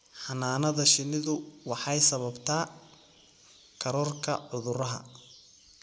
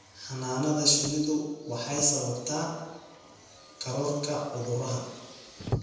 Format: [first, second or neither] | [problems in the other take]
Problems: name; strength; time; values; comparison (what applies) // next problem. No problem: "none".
first | background sound (Car); 12 dB below the speech // room echo; dies away in 1.1 s